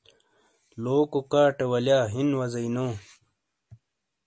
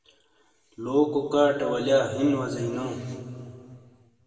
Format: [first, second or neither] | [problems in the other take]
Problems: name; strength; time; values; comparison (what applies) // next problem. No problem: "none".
first | room echo; dies away in 2.3 s